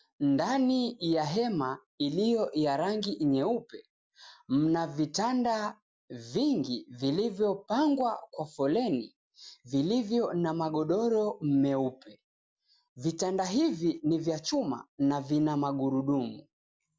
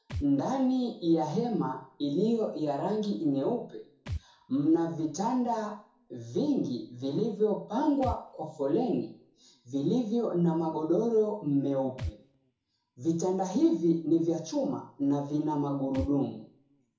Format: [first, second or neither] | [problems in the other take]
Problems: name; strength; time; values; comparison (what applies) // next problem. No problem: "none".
first | background sound (Thump, thud); 18 dB below the speech // room echo; dies away in 0.6 s